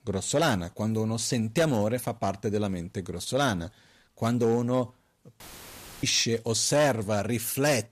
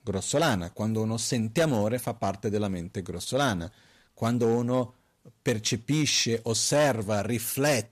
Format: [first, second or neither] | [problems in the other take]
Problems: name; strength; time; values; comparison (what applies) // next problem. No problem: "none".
second | audio cutting out; filled with static; at 5.5 s for 0.5 s